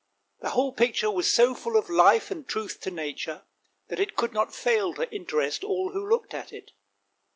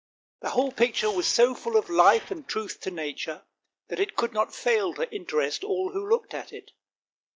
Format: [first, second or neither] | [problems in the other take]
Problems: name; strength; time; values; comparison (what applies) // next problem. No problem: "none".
first | noise reduction (neural mask model DeepFilterNet 3)